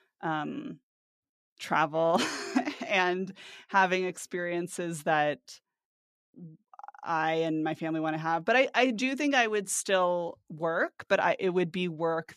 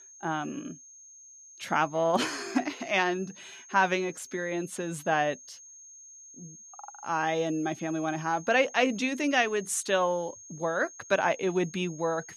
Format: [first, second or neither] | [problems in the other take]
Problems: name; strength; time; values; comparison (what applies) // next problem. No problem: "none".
first | high-pitched whine; noticeable; throughout; 6.5 kHz, 20 dB below the speech